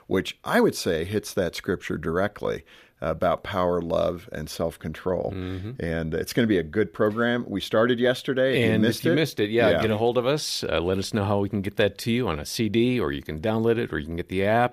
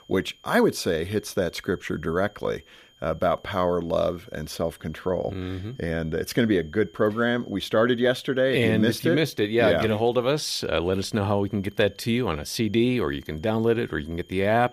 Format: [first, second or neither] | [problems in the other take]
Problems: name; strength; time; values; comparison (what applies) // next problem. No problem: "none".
first | high-pitched whine; faint; throughout; 3 kHz, 30 dB below the speech